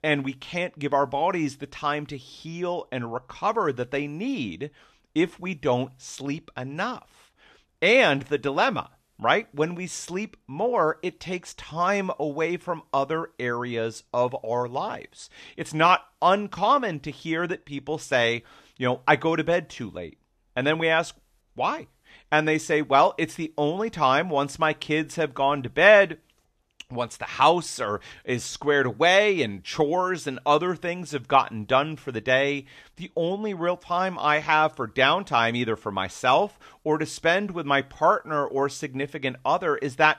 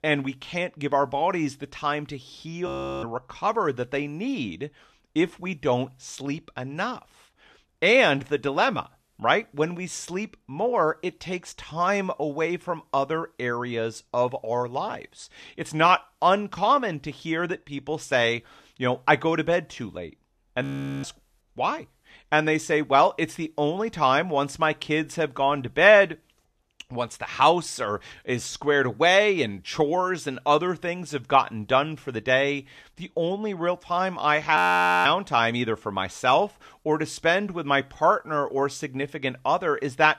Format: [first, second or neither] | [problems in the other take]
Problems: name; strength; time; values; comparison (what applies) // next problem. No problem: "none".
first | audio freezing; at 2.5 s, at 21 s and at 35 s